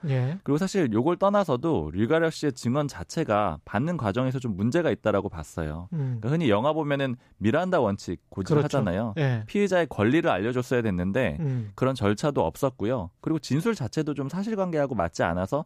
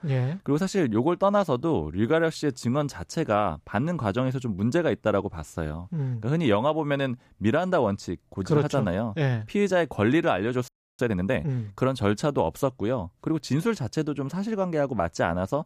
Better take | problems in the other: first | audio freezing; at 11 s

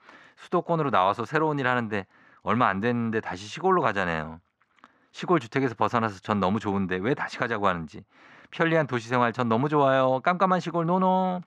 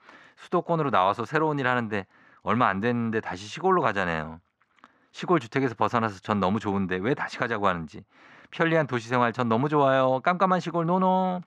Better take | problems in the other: neither | muffled; very slightly; fading above 5 kHz; the same in both

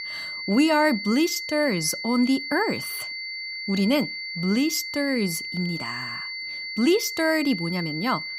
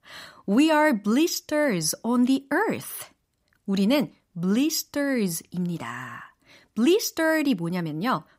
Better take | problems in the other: second | high-pitched whine; loud; throughout; 2 kHz, 6 dB below the speech

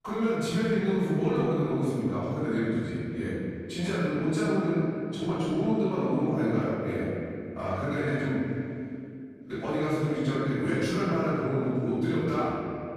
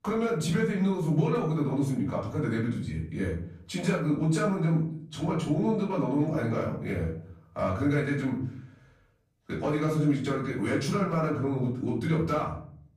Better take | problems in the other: second | room echo; strong; dies away in 2.5 s; slight in the second // off-mic speech; far; far in the second

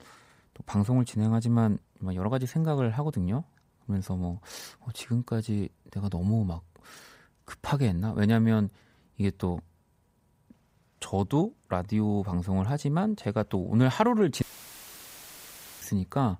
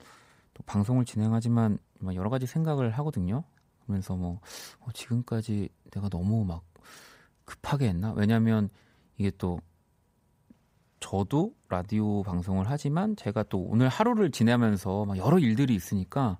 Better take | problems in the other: second | audio cutting out; filled with static; at 14 s for 1.5 s

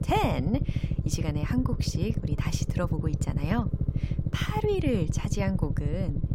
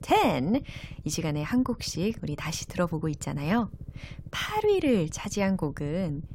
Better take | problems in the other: second | low rumble; loud; throughout; 7 dB below the speech; faint in the second

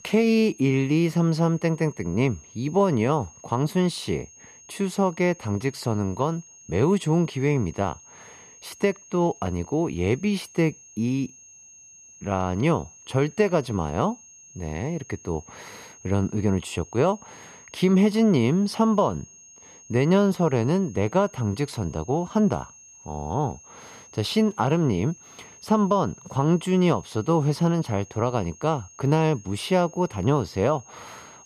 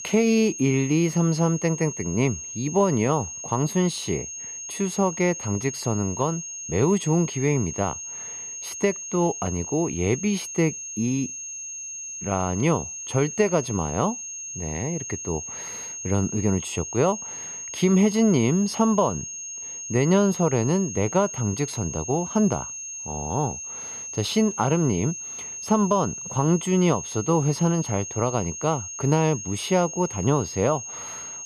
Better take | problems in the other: first | high-pitched whine; loud; throughout; 6.5 kHz, 8 dB below the speech; faint in the first

